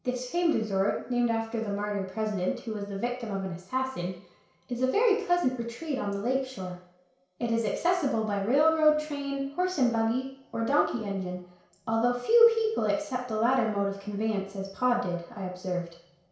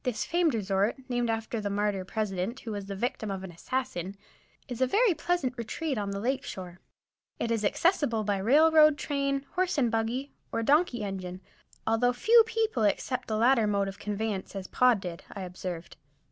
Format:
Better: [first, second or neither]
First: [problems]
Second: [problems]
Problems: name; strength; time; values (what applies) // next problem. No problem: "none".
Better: second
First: room echo; dies away in 0.6 s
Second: none